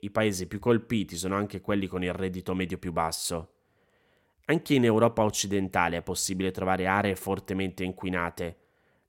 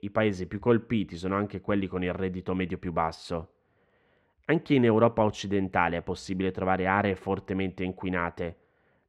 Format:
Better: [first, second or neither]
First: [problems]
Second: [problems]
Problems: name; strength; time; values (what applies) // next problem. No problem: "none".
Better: first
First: none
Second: muffled; slightly; fading above 2.5 kHz